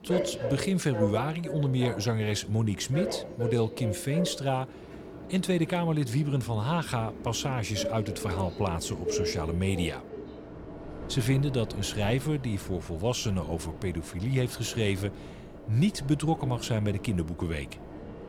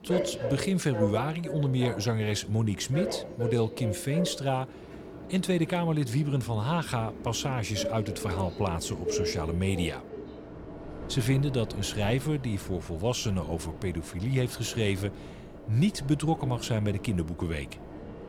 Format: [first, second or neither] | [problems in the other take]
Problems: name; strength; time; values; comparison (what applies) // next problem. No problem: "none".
neither | train or aircraft noise; loud; throughout; 9 dB below the speech; the same in both